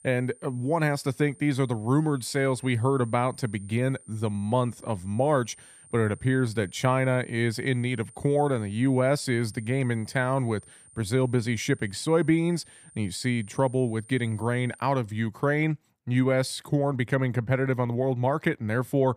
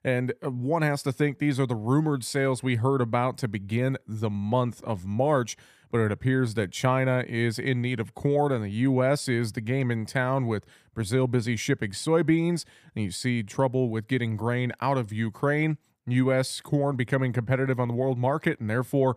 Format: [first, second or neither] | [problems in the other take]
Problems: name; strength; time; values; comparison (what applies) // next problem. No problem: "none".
second | high-pitched whine; faint; until 15 s; 9 kHz, 25 dB below the speech